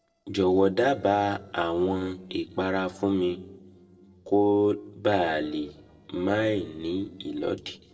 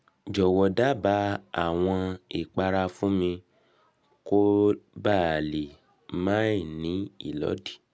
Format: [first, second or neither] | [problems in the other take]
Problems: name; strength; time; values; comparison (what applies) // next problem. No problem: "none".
second | noise reduction (neural separator model SepFormer DNS4)